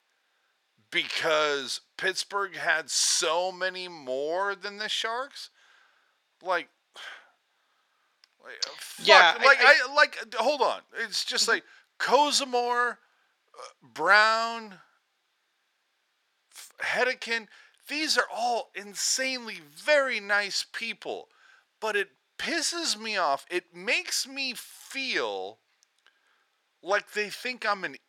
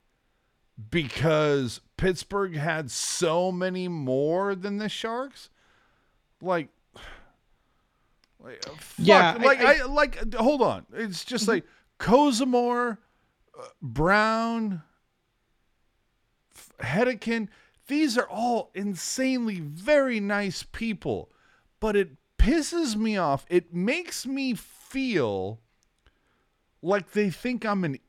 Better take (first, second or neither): second